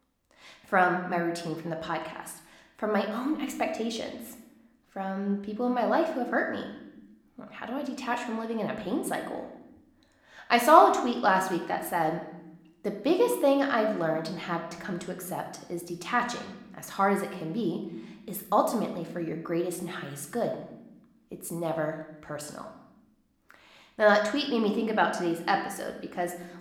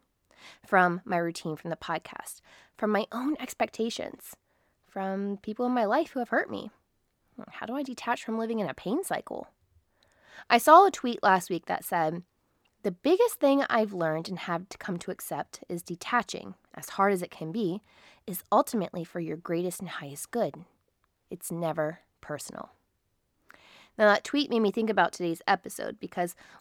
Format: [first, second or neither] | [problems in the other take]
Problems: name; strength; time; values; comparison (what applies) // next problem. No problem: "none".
second | room echo; slight; dies away in 0.7 s